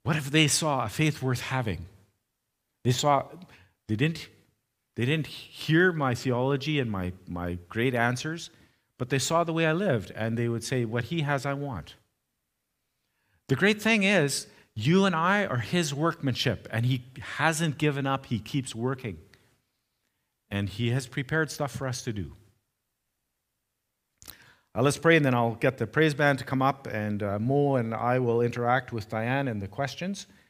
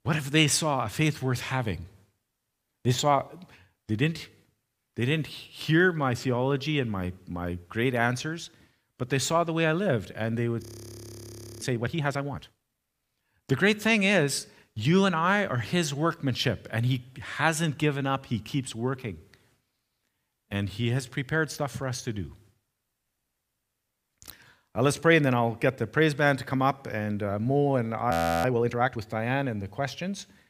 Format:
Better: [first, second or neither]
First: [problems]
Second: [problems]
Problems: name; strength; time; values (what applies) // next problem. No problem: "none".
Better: first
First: none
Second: audio freezing; at 11 s for 1 s and at 28 s